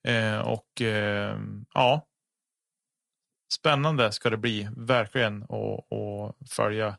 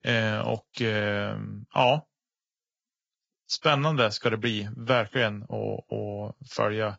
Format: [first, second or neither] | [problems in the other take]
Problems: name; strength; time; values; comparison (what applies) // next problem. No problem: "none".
first | garbled, watery; badly; slightly in the first